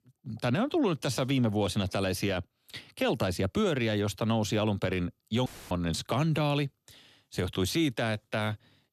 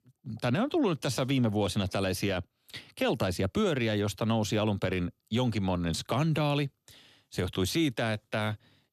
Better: second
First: audio cutting out; filled with static; at 5.5 s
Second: none

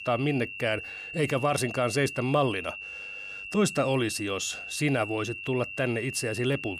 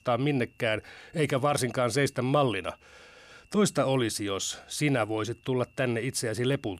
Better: second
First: high-pitched whine; loud; throughout; 2.5 kHz, 9 dB below the speech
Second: high-pitched whine; faint; throughout; 2.5 kHz, 35 dB below the speech

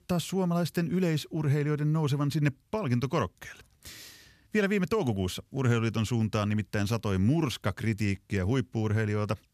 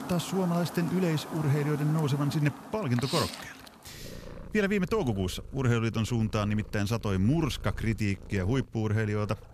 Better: first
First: none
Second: animal sounds; noticeable; throughout; 10 dB below the speech

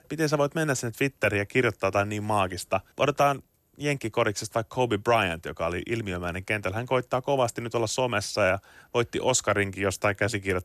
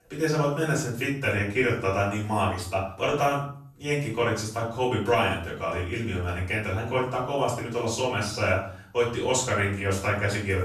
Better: first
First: none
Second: off-mic speech; far // room echo; noticeable; dies away in 0.5 s

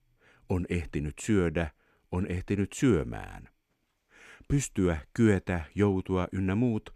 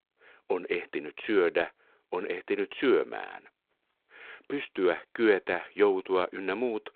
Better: first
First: none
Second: phone-call audio; nothing above 8.5 kHz

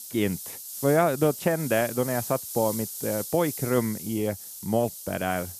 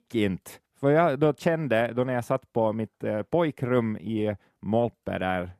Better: second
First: hiss; loud; throughout; 8 dB below the speech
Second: none

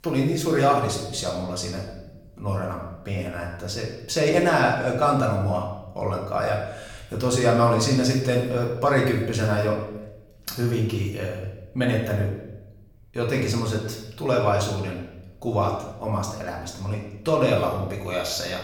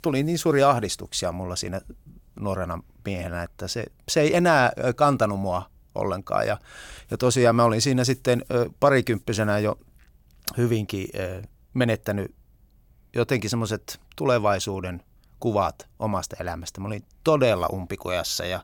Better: second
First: room echo; noticeable; dies away in 0.8 s // off-mic speech; far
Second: none

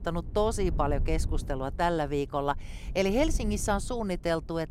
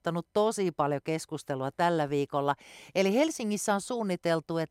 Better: second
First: low rumble; faint; throughout; 20 dB below the speech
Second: none

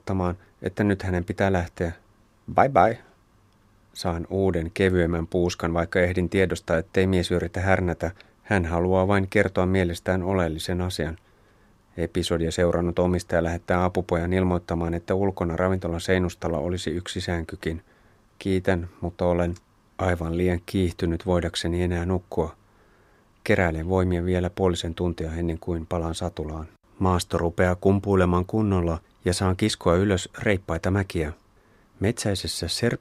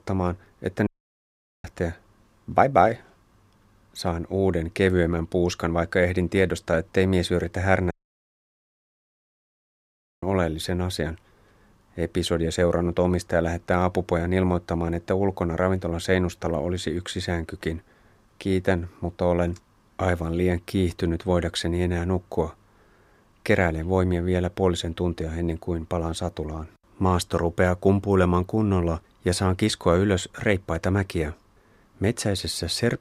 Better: first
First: none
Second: audio cutting out; at 1 s for 1 s and at 8 s for 2.5 s

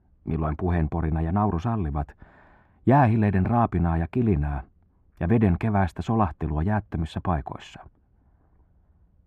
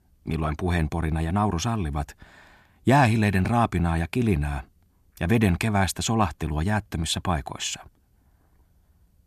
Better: second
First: muffled; very; fading above 3 kHz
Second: none

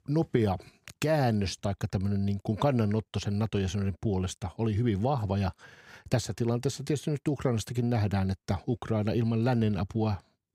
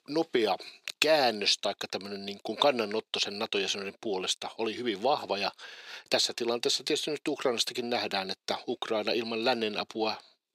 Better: first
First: none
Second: thin; very; fading below 350 Hz

